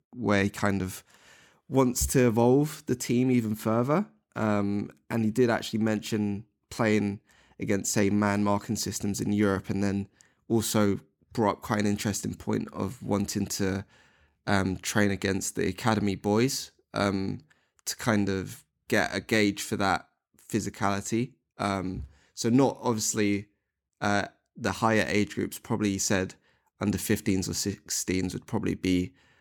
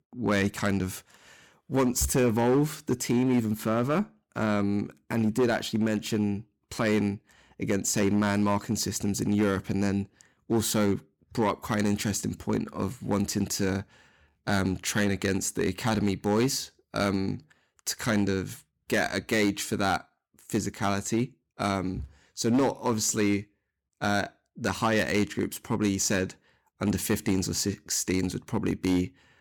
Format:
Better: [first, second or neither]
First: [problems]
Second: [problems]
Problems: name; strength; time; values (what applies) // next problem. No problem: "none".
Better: first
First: none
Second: distortion; slight; 5% of the sound clipped